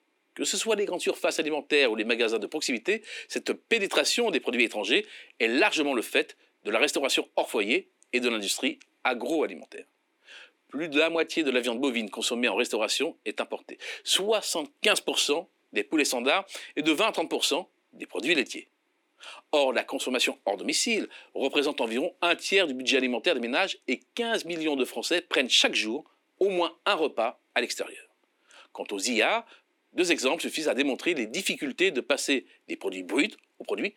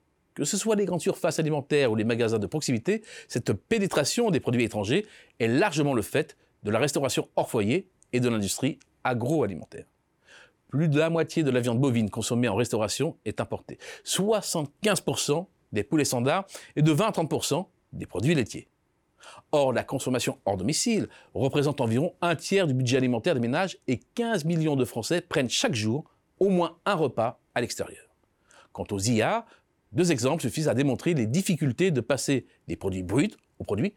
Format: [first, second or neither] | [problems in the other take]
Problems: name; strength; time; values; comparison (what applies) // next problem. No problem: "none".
second | thin; very slightly; fading below 250 Hz